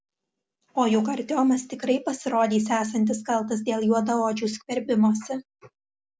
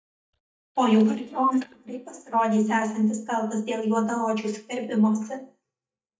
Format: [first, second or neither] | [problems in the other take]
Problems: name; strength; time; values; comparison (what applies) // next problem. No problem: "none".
first | noise reduction (neural mask model DeepFilterNet 3)